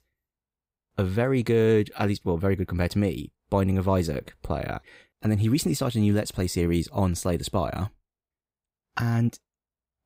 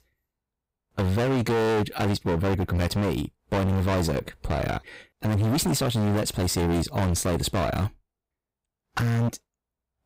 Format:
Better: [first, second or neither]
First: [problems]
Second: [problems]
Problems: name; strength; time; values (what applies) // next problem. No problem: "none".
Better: first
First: none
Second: distortion; heavy; 27% of the sound clipped